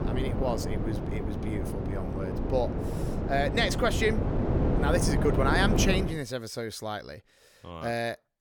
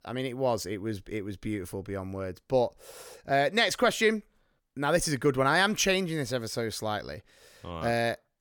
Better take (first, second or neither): second